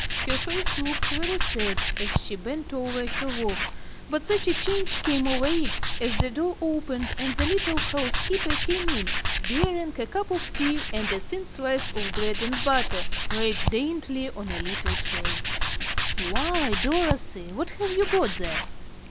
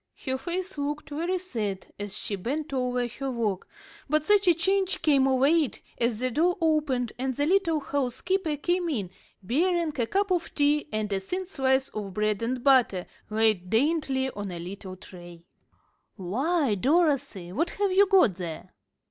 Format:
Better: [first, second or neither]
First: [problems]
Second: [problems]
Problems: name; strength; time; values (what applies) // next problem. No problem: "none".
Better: second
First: background sound (Tools); 1 dB above the speech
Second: none